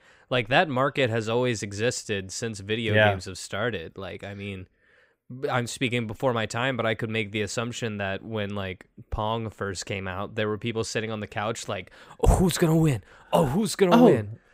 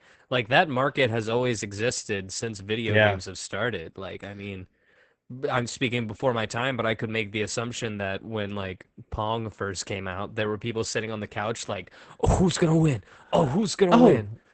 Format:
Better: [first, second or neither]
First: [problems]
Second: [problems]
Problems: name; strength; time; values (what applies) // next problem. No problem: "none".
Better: first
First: none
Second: garbled, watery; badly; nothing above 8 kHz